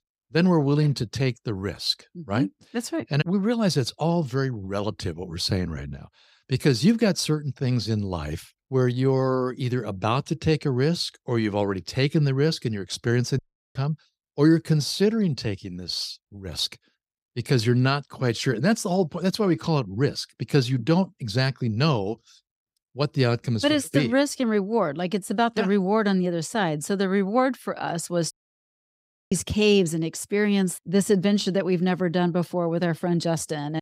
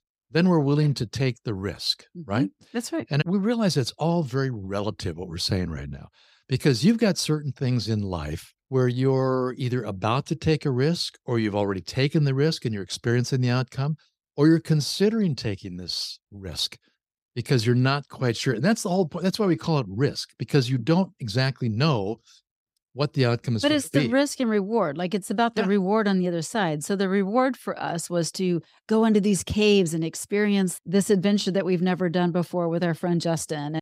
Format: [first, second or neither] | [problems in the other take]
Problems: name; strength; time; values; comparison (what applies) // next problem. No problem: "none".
second | audio cutting out; at 13 s and at 28 s for 1 s